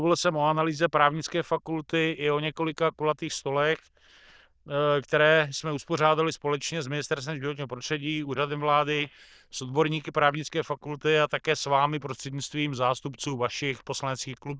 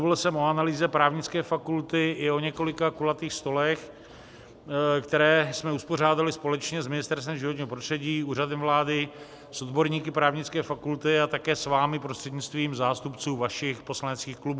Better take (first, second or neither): second